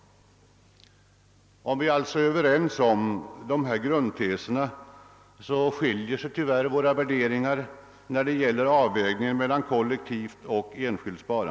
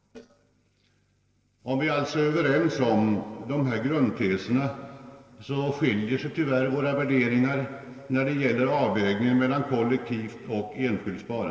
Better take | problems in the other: first | noise reduction (neural separator model SepFormer DNS4)

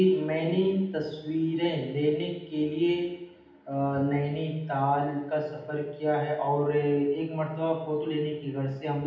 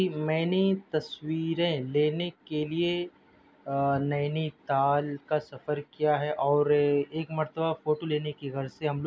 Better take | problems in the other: second | room echo; dies away in 0.8 s

